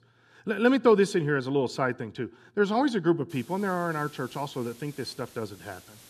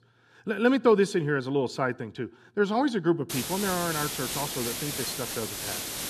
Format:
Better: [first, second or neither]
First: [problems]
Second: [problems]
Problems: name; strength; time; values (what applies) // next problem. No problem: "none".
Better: first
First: hiss; faint; from 3.5 s on; 25 dB below the speech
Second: hiss; loud; from 3.5 s on; 4 dB below the speech